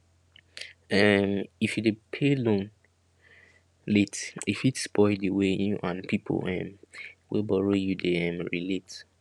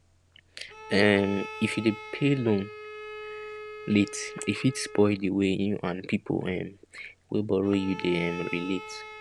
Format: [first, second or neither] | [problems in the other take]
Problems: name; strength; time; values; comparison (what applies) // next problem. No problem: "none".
first | background sound (Bowed string instrument); 15 dB below the speech